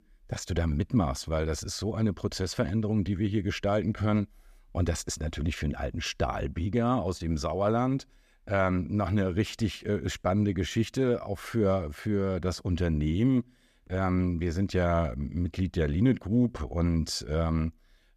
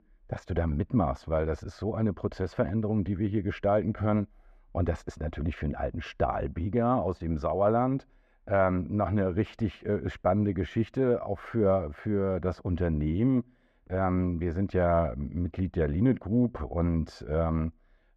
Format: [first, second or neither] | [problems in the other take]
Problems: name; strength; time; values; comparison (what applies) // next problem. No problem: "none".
first | muffled; very; fading above 3.5 kHz